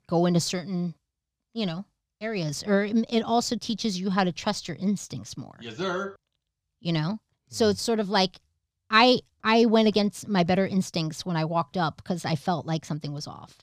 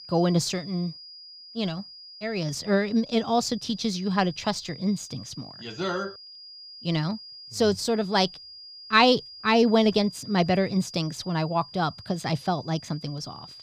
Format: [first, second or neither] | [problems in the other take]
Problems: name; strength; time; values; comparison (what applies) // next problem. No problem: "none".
first | high-pitched whine; noticeable; throughout; 5 kHz, 15 dB below the speech